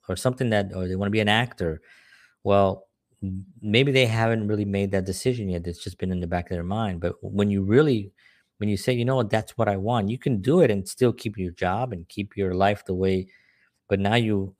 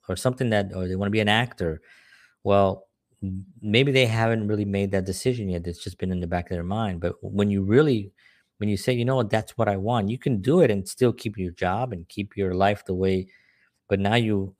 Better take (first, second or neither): neither